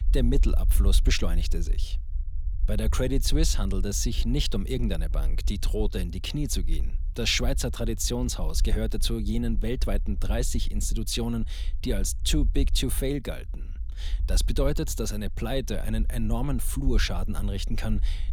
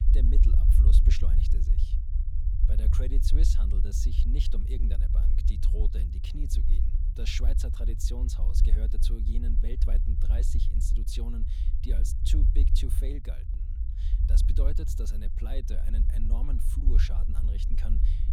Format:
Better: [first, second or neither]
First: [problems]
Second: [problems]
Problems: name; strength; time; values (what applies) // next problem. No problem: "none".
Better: first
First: low rumble; faint; throughout; 20 dB below the speech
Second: low rumble; loud; throughout; 4 dB below the speech